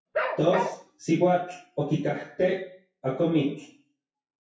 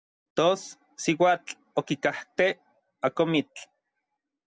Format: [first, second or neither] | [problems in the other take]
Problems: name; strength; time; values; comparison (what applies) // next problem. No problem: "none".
second | noise reduction (classical method WPE with log-MMSE)